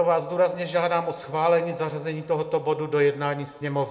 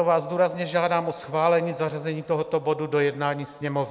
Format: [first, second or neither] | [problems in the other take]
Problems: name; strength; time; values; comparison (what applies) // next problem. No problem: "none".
second | room echo; dies away in 1.2 s